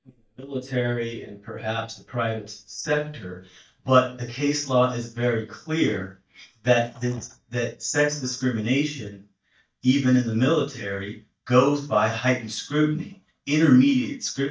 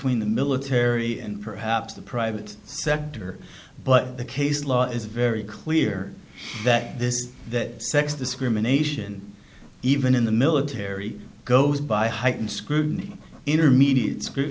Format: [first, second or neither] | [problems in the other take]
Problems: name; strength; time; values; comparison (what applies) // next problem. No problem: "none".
second | noise reduction (neural mask model DeepFilterNet 3)